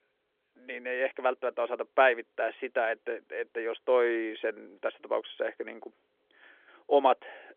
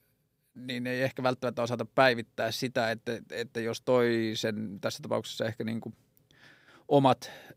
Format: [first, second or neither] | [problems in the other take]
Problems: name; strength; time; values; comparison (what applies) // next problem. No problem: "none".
second | phone-call audio; nothing above 3.5 kHz